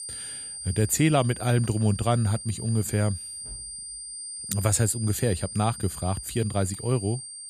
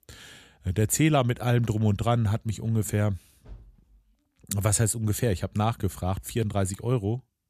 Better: second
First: high-pitched whine; loud; throughout; 9 kHz, 10 dB below the speech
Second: none

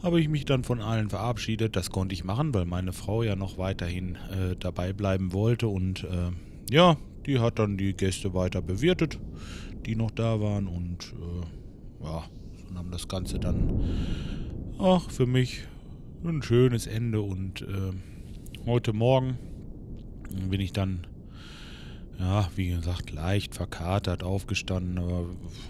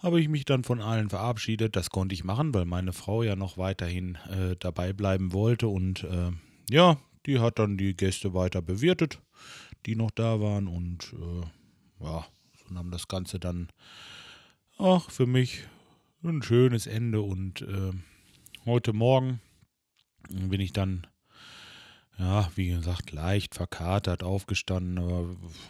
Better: second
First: wind noise on the microphone; occasional gusts; 20 dB below the speech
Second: none

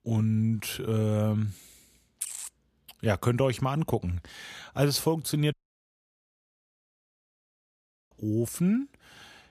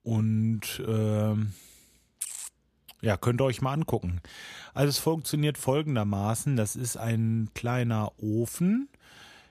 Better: second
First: audio cutting out; at 5.5 s for 2.5 s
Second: none

